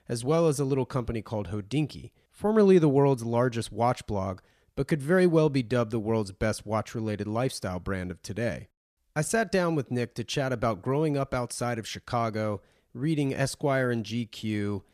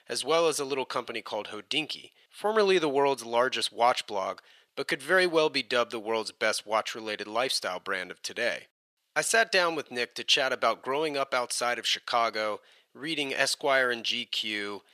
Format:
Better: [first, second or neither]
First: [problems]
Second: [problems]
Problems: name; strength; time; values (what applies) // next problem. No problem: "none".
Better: first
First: none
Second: thin; very; fading below 550 Hz